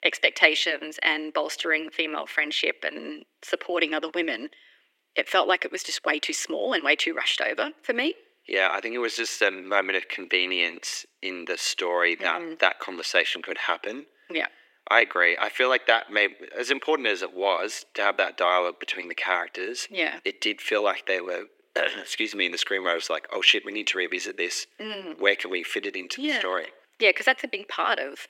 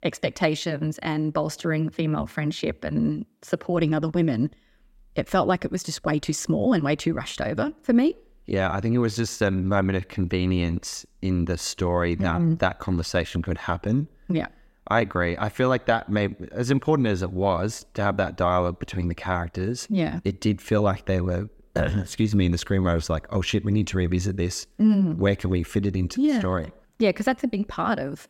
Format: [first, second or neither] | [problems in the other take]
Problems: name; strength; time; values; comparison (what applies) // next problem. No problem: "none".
second | thin; very; fading below 350 Hz